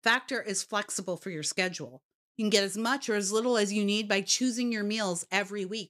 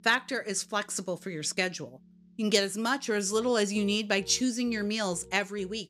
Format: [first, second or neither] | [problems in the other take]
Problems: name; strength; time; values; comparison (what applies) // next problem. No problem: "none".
first | background music; faint; throughout; 25 dB below the speech